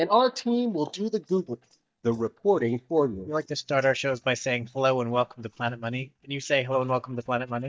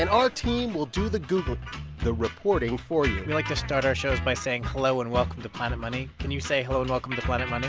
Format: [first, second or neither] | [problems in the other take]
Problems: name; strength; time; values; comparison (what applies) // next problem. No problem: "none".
second | noise reduction (neural mask model DeepFilterNet 3)